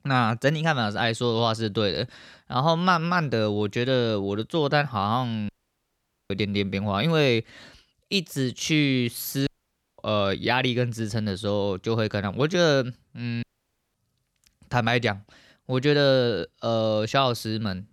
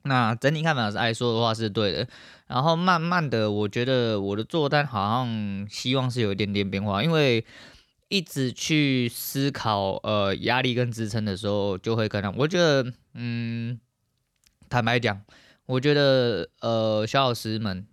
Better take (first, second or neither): second